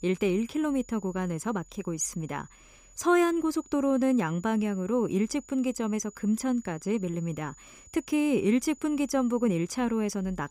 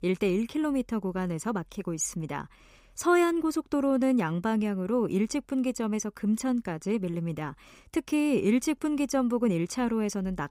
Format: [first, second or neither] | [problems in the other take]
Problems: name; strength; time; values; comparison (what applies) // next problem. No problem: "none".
second | high-pitched whine; faint; throughout; 7 kHz, 25 dB below the speech